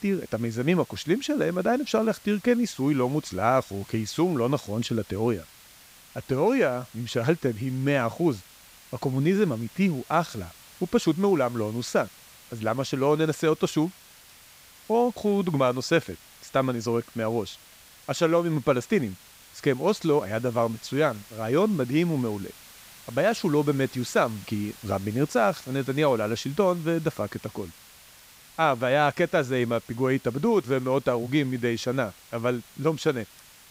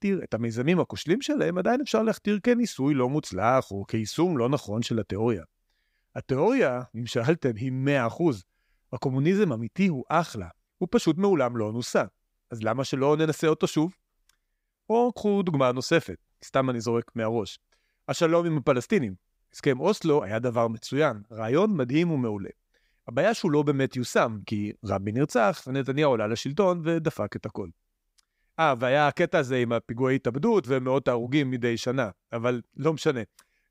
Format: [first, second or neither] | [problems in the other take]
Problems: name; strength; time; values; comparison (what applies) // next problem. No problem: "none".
second | hiss; faint; throughout; 20 dB below the speech